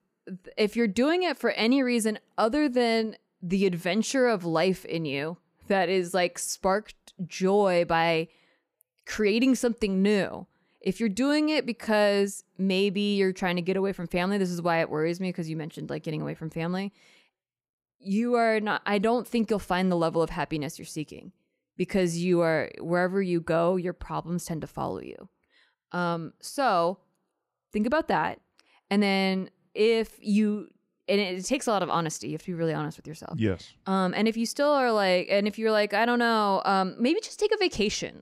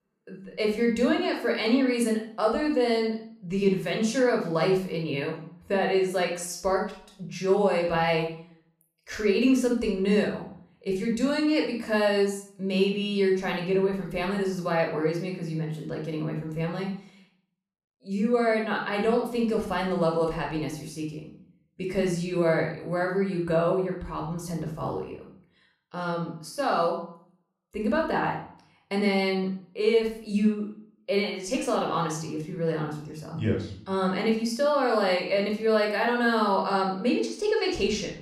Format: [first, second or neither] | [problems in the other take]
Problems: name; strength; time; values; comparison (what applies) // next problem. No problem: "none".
first | room echo; noticeable; dies away in 0.5 s // off-mic speech; somewhat distant